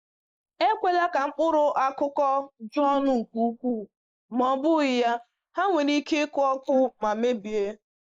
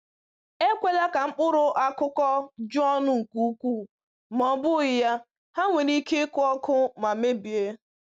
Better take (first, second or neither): second